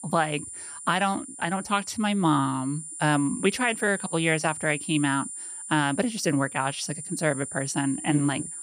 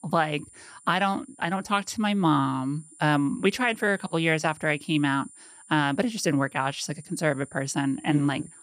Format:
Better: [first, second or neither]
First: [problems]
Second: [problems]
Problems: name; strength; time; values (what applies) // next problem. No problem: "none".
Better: second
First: high-pitched whine; loud; throughout; 9.5 kHz, 9 dB below the speech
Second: high-pitched whine; faint; throughout; 9.5 kHz, 20 dB below the speech